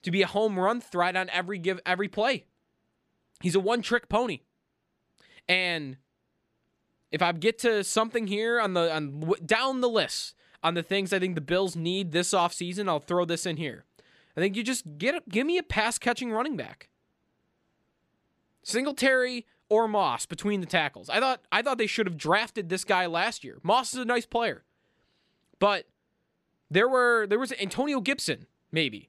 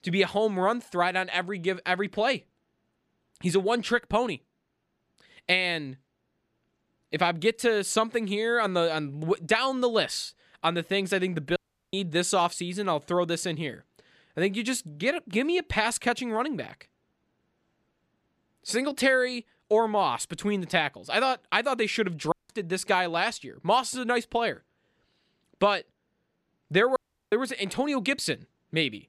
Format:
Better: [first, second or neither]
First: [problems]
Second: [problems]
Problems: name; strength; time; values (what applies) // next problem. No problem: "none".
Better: first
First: none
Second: audio cutting out; at 12 s, at 22 s and at 27 s